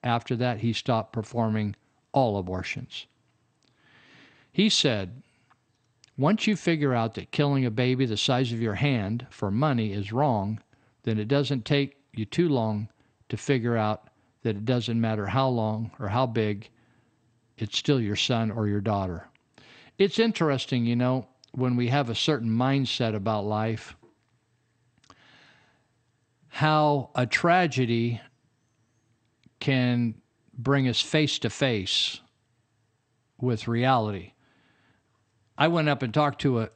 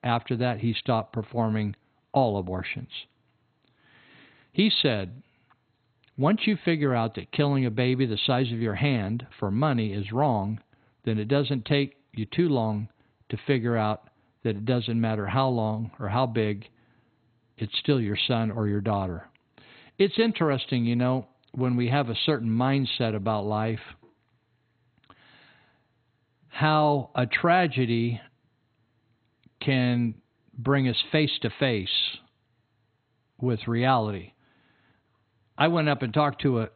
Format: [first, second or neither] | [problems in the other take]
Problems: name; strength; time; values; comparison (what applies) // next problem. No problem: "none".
first | garbled, watery; badly; nothing above 4 kHz; slightly in the first